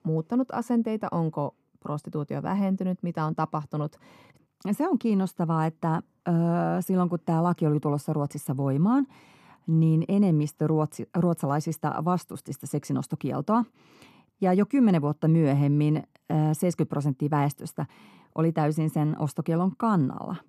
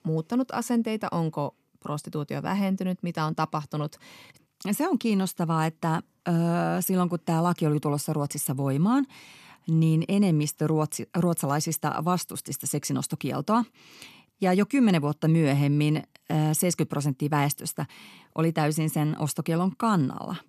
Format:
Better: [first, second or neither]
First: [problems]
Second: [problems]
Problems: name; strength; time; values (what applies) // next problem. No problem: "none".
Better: second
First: muffled; slightly; fading above 2 kHz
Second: none